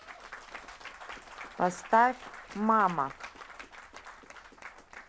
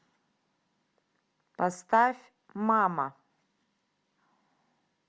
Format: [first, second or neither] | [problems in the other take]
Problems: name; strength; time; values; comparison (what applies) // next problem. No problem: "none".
second | background sound (Applause / Cheering / Clapping); 15 dB below the speech